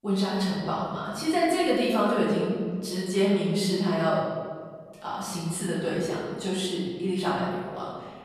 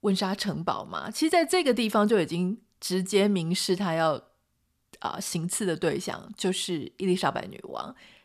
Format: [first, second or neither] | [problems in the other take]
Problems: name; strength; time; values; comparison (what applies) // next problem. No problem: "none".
second | off-mic speech; far // room echo; noticeable; dies away in 1.6 s